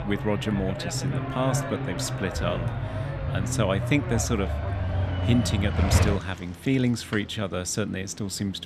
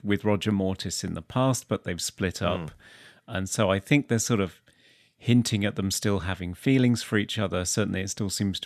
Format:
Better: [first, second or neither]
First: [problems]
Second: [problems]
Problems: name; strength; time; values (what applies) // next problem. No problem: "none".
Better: second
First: traffic noise; loud; throughout; 1 dB below the speech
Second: none